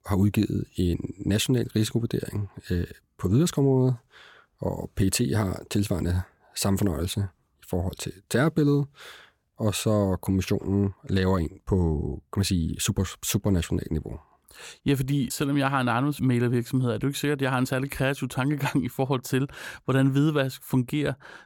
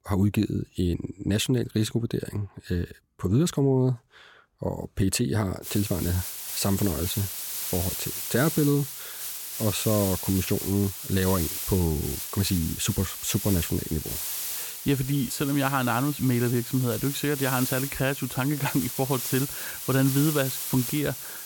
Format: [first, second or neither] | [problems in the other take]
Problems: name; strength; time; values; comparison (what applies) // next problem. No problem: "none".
first | hiss; loud; from 5.5 s on; 5 dB below the speech